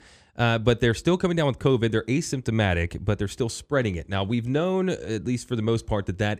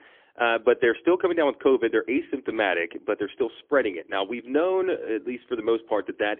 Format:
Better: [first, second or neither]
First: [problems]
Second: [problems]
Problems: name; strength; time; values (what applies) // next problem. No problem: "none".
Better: first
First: none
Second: phone-call audio; poor line; nothing above 3.5 kHz